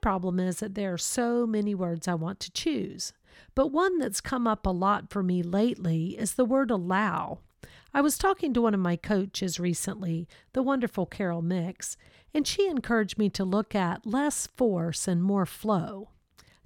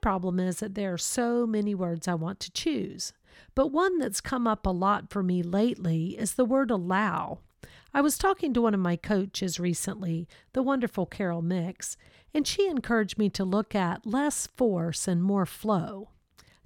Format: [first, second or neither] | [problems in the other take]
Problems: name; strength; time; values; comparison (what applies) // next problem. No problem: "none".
neither | none